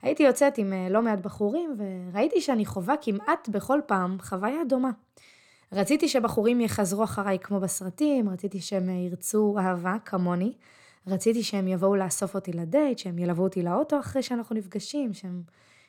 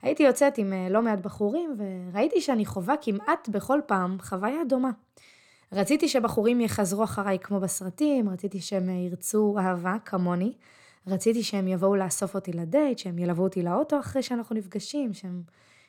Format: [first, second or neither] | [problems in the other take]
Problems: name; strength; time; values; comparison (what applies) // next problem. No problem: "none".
neither | none